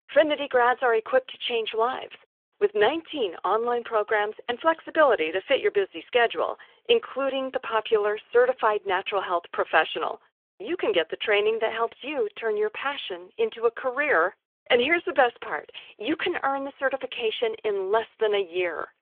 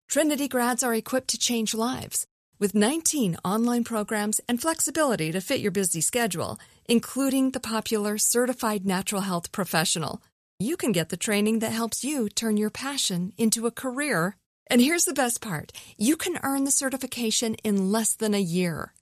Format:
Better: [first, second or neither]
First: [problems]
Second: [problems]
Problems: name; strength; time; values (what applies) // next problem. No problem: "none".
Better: second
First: phone-call audio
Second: none